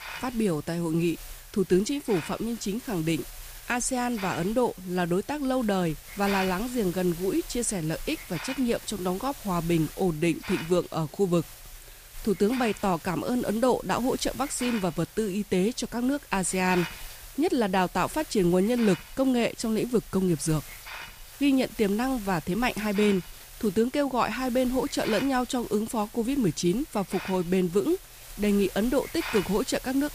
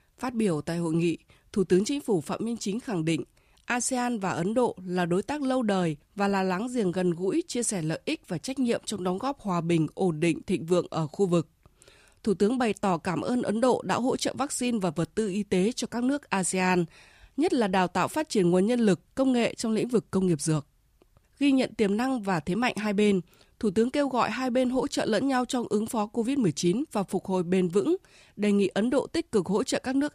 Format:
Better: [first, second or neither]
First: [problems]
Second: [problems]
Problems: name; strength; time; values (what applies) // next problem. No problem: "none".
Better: second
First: hiss; noticeable; throughout; 15 dB below the speech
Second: none